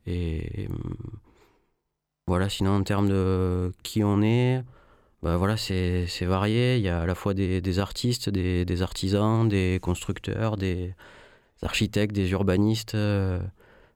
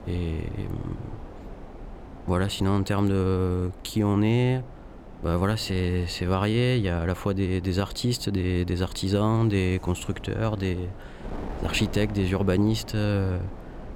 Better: first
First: none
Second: wind noise on the microphone; occasional gusts; 15 dB below the speech

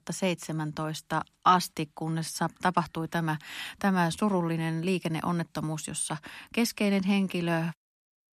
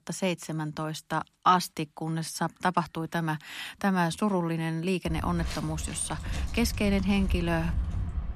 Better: first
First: none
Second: footsteps; noticeable; from 5 s on; peak 3 dB below the speech

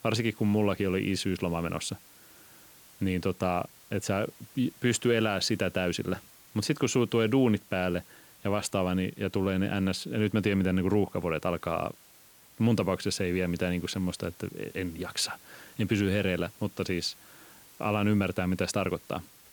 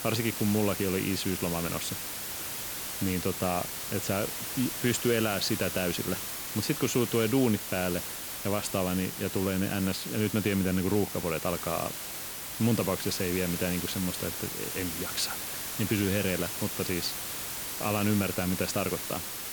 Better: first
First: hiss; faint; throughout; 25 dB below the speech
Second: hiss; loud; throughout; 3 dB below the speech

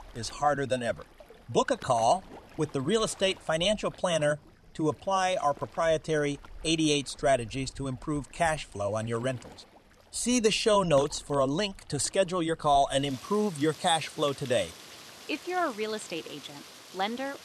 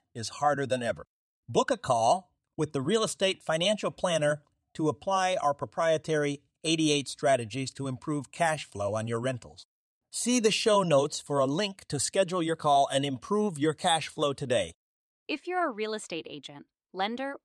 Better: second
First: rain or running water; faint; throughout; 20 dB below the speech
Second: none

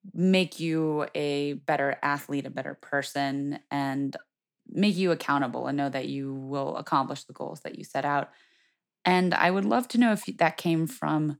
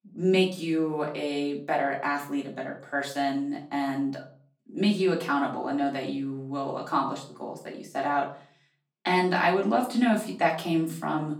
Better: first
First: none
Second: room echo; slight; dies away in 0.4 s // off-mic speech; far

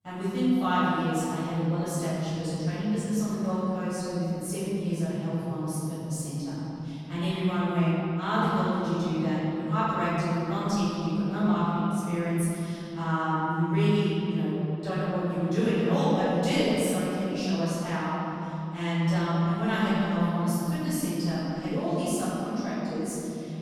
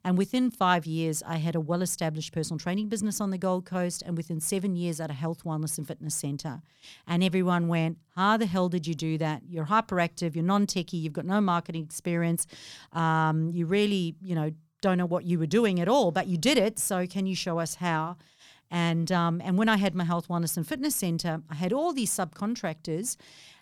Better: second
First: off-mic speech; far // room echo; strong; dies away in 3 s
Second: none

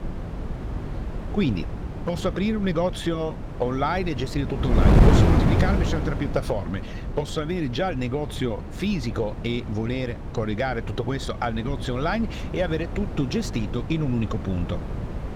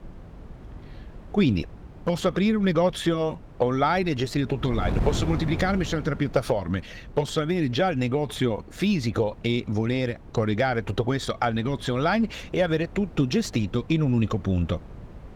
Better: second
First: wind noise on the microphone; heavy; 5 dB below the speech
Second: wind noise on the microphone; occasional gusts; 20 dB below the speech

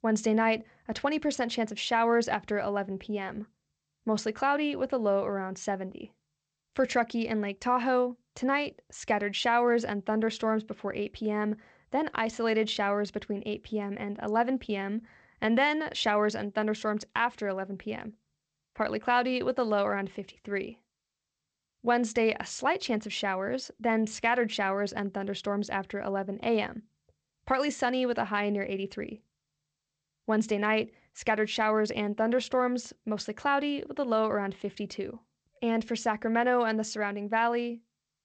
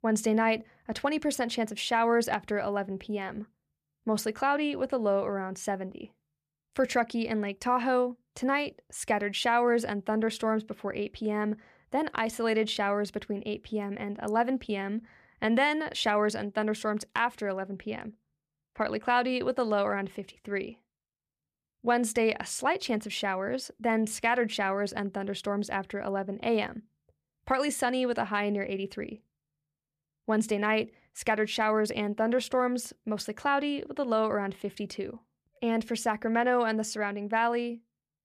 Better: second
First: garbled, watery; slightly; nothing above 8 kHz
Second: none

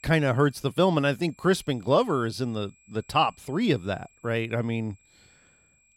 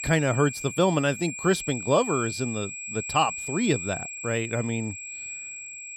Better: first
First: high-pitched whine; faint; throughout; 2.5 kHz, 30 dB below the speech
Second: high-pitched whine; loud; throughout; 2.5 kHz, 7 dB below the speech

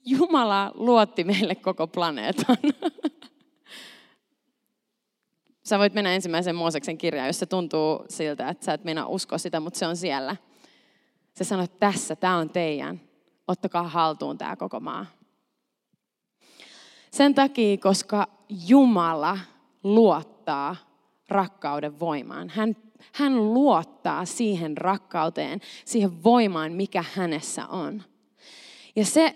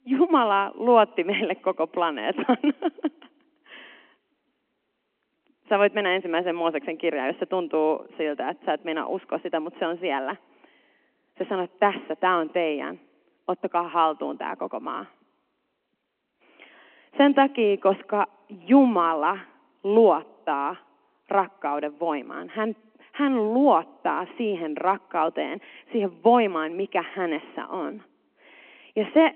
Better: first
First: none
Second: phone-call audio

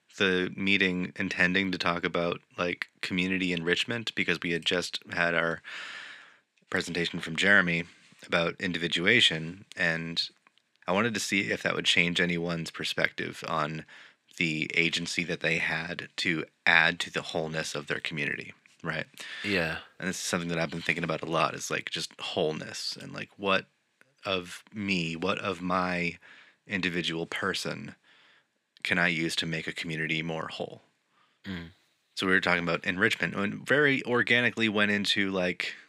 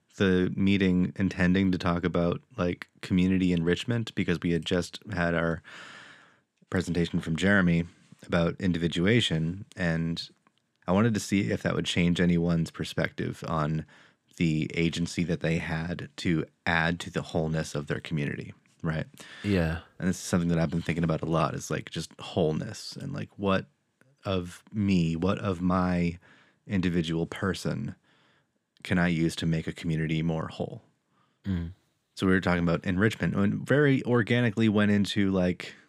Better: second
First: thin; somewhat; fading below 1 kHz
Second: none

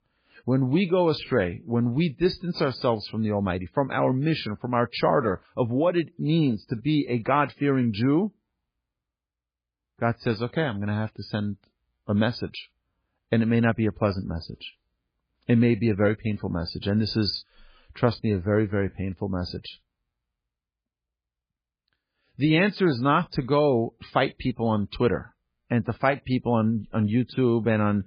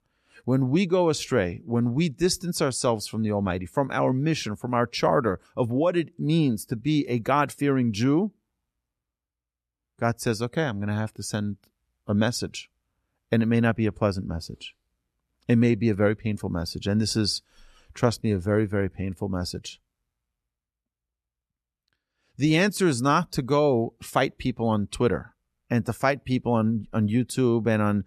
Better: second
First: garbled, watery; badly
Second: none

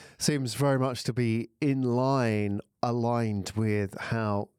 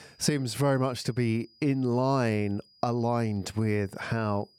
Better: first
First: none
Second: high-pitched whine; faint; throughout; 5 kHz, 30 dB below the speech

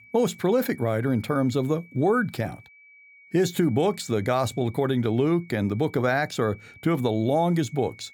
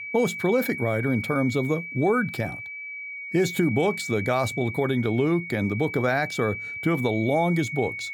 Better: first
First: high-pitched whine; faint; throughout; 2.5 kHz, 25 dB below the speech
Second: high-pitched whine; loud; throughout; 2.5 kHz, 8 dB below the speech

